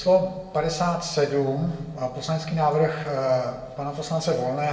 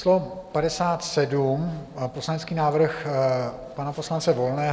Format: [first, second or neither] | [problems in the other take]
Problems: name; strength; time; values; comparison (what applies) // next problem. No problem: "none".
second | room echo; dies away in 0.7 s